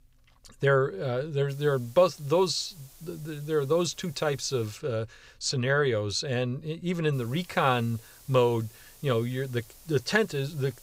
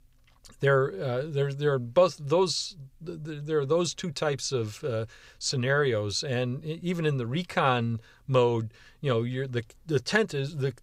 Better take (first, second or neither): second